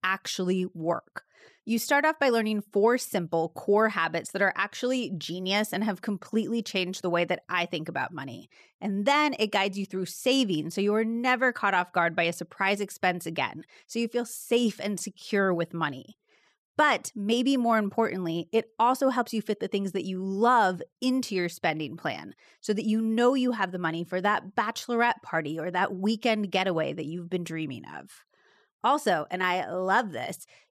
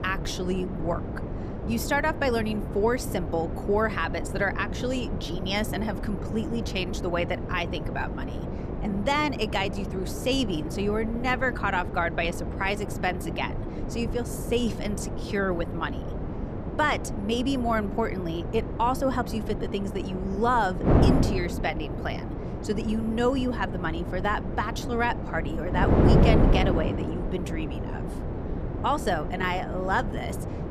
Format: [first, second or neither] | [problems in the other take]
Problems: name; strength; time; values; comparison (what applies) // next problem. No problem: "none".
first | wind noise on the microphone; heavy; 7 dB below the speech